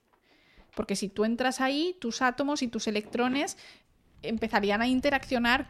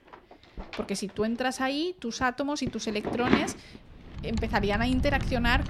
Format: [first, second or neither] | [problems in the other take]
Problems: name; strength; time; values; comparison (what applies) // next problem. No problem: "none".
first | household noises; loud; throughout; 3 dB below the speech; faint in the first